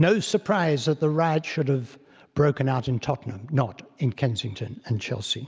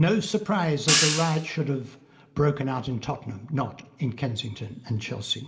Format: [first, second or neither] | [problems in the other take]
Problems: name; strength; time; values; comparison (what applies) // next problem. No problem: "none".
first | background sound (Hi-hat); 1 dB below the speech // room echo; dies away in 1.3 s